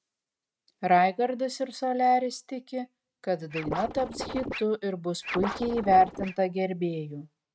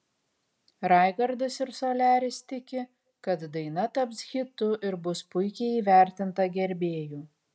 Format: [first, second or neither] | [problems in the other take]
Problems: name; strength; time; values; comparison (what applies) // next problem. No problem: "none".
second | noise reduction (neural mask model RNNoise)